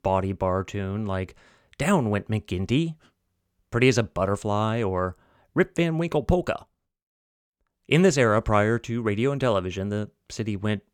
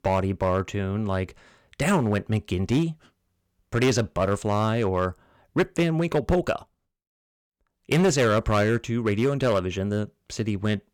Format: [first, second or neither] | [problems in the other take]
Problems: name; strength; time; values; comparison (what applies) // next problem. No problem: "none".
first | distortion; slight; 5% of the sound clipped